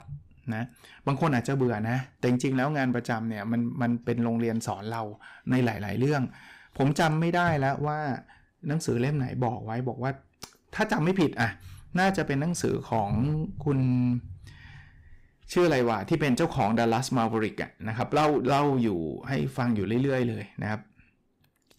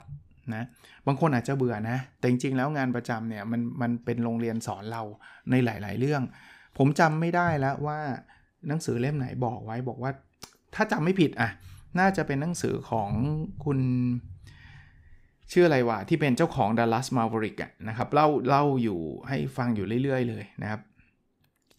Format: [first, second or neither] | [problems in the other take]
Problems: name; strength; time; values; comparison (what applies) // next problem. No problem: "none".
second | distortion; slight; 5% of the sound clipped